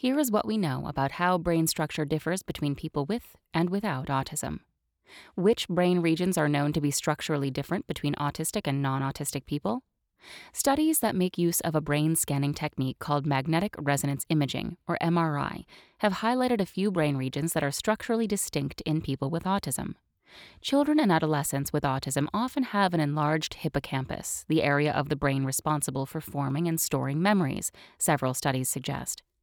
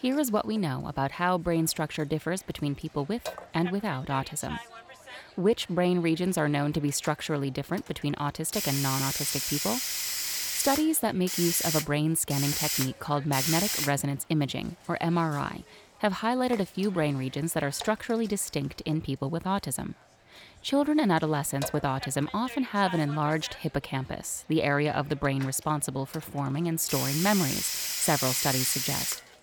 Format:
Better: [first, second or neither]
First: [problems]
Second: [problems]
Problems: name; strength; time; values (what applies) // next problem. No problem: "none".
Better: first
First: none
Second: hiss; loud; throughout; 2 dB below the speech